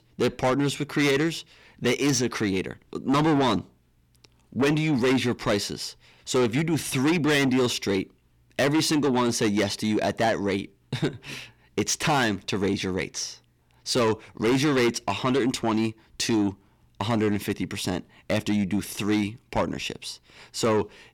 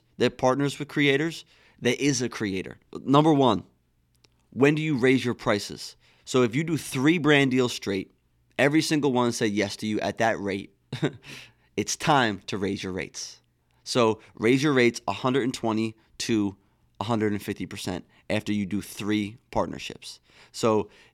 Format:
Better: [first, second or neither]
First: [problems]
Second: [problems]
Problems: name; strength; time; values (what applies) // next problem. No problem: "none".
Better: second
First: distortion; heavy; 7 dB below the speech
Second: none